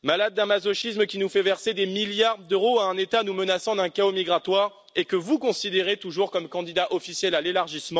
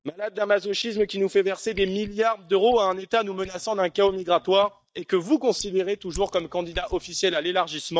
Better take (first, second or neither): first